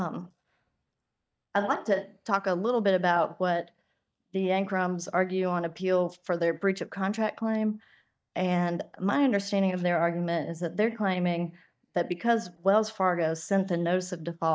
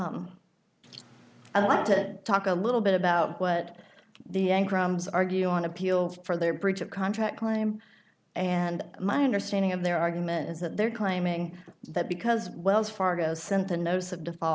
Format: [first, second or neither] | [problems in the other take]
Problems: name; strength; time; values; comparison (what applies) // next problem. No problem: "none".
second | noise reduction (neural mask model DeepFilterNet 3)